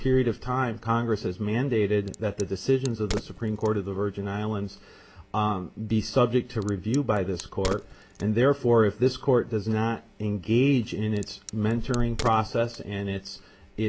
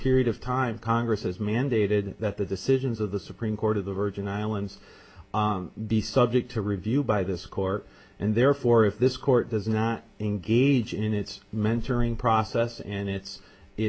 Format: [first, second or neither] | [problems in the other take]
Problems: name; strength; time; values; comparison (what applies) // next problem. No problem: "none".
second | background sound (Crack); 17 dB below the speech